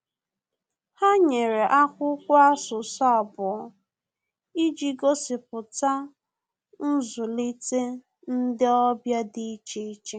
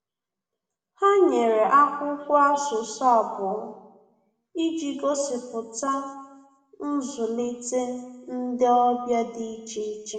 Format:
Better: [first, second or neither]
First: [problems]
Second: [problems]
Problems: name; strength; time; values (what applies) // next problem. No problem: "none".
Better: first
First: none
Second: room echo; dies away in 1 s